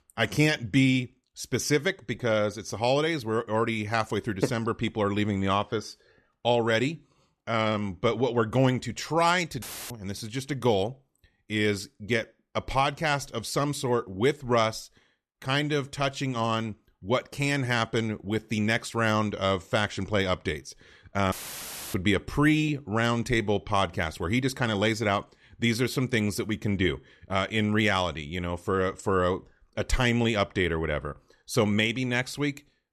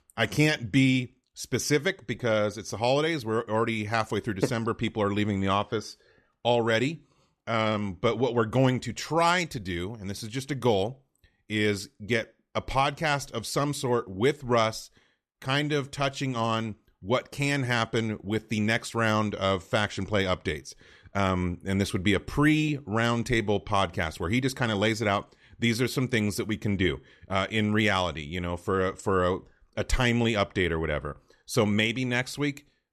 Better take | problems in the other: second | audio cutting out; filled with static; at 9.5 s and at 21 s for 0.5 s

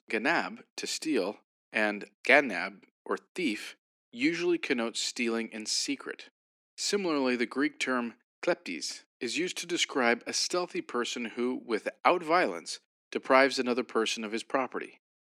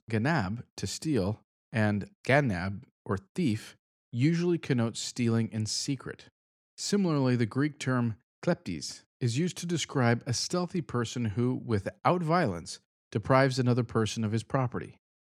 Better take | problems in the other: second | thin; somewhat; fading below 250 Hz

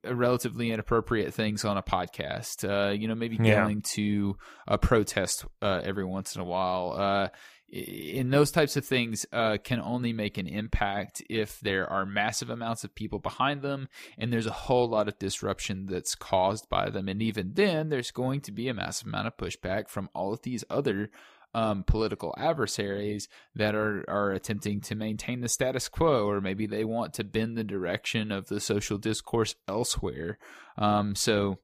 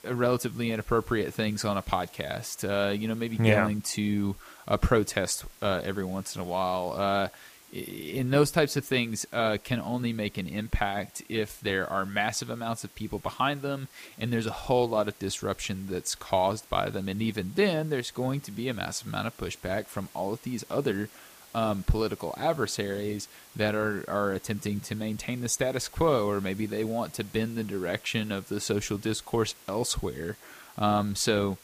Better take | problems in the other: first | hiss; faint; throughout; 20 dB below the speech

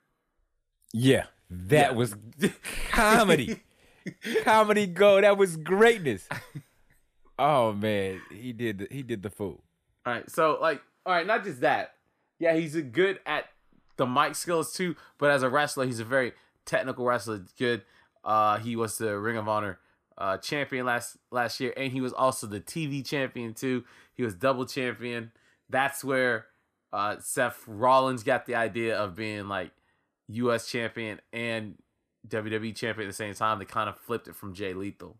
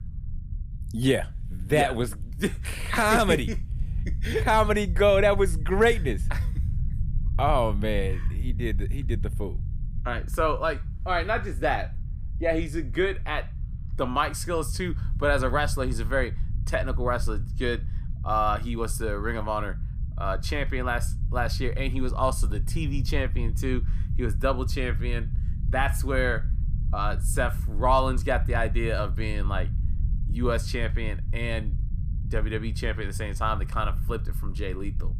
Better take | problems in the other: first | low rumble; faint; throughout; 20 dB below the speech

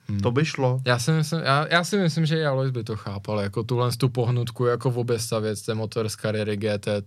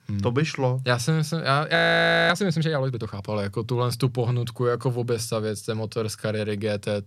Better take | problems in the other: first | audio freezing; at 2 s for 0.5 s

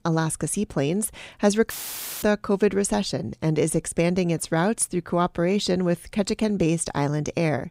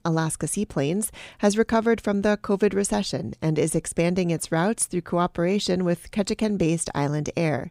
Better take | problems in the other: second | audio cutting out; filled with static; at 1.5 s for 0.5 s

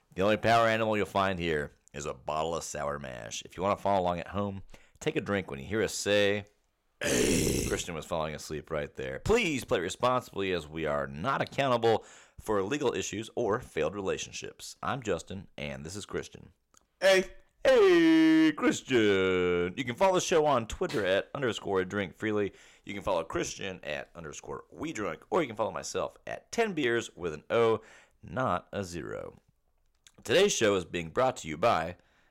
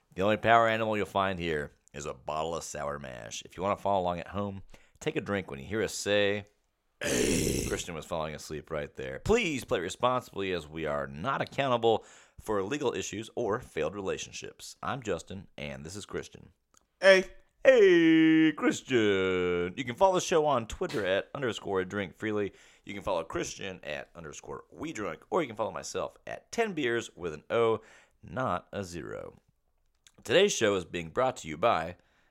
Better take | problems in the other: second | distortion; slight; 2% of the sound clipped

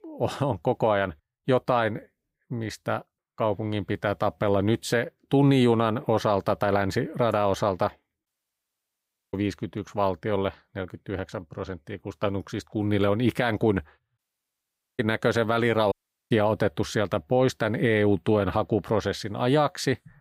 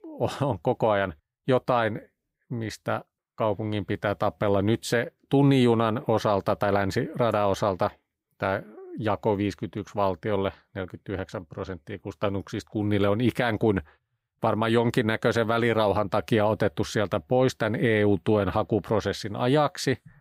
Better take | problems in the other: second | audio cutting out; at 8.5 s for 1 s, at 14 s for 1 s and at 16 s

